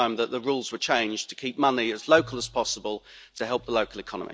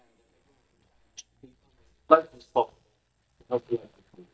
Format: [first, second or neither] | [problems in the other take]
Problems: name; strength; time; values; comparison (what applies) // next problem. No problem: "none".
first | noise reduction (neural mask model DeepFilterNet 3)